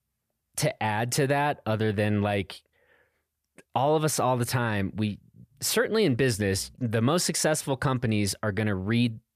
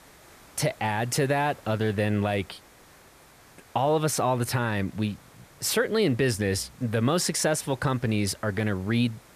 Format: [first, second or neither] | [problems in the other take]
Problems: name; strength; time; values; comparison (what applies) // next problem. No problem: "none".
first | hiss; faint; throughout; 25 dB below the speech